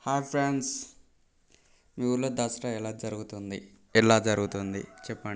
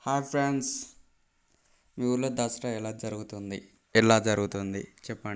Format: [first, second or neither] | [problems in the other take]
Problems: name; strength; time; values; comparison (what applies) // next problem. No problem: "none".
first | noise reduction (neural mask model Resemble Enhance denoiser)